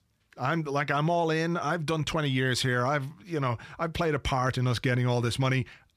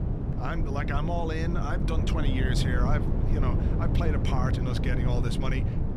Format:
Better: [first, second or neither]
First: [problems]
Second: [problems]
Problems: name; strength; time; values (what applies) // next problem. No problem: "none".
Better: first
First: none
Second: low rumble; loud; throughout; 4 dB below the speech